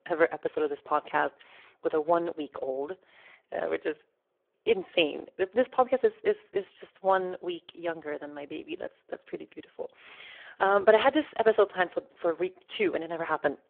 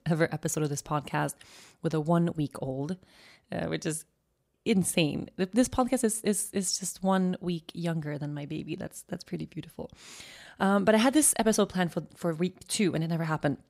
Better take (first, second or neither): second